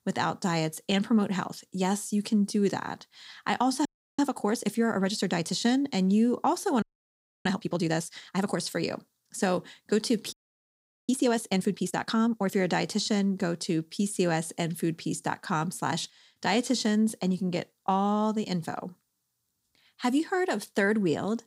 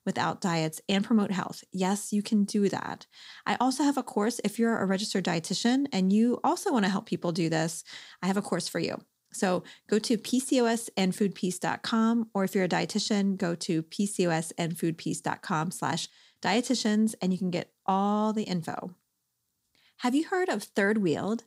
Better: second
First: audio freezing; at 4 s, at 7 s for 0.5 s and at 10 s for 1 s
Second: none

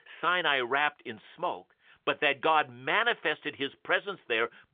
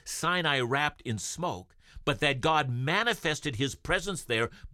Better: second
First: phone-call audio; nothing above 3.5 kHz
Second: none

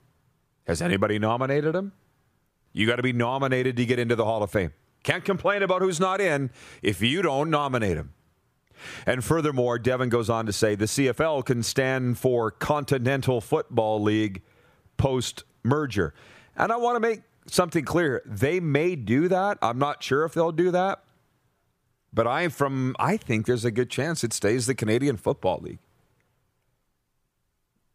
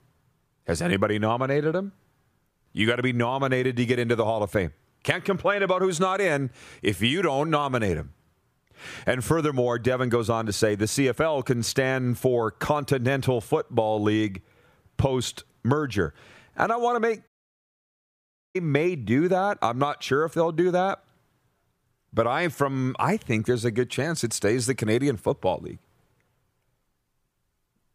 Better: first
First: none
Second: audio cutting out; at 17 s for 1.5 s

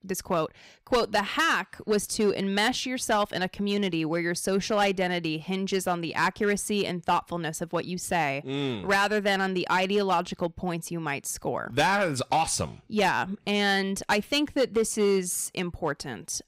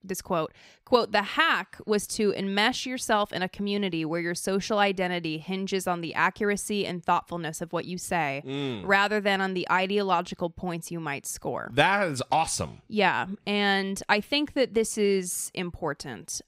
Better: second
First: distortion; slight; 4% of the sound clipped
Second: none

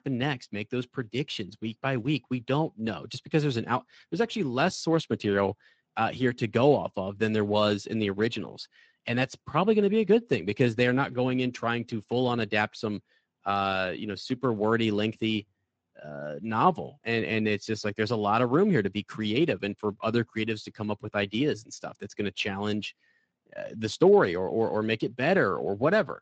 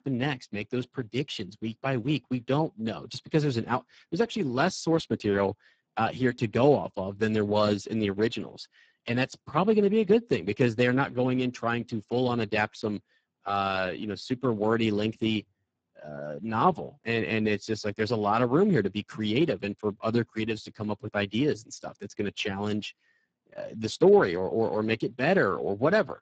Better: first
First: garbled, watery; slightly; nothing above 7.5 kHz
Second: garbled, watery; badly; nothing above 7.5 kHz

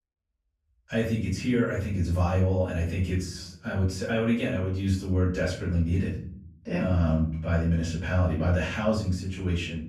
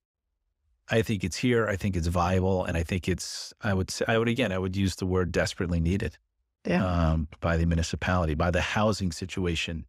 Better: second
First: off-mic speech; far // room echo; noticeable; dies away in 0.6 s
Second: none

